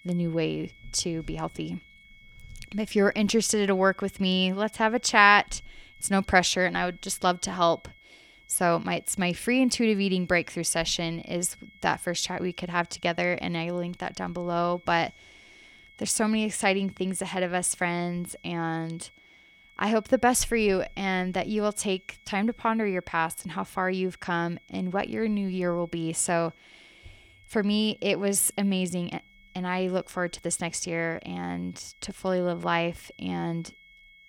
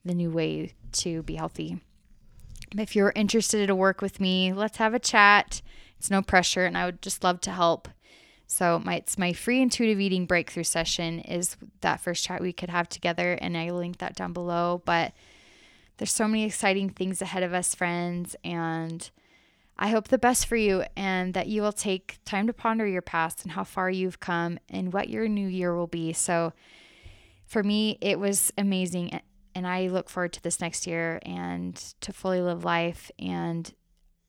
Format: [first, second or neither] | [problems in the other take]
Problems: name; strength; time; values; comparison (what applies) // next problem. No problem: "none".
second | high-pitched whine; faint; throughout; 2 kHz, 25 dB below the speech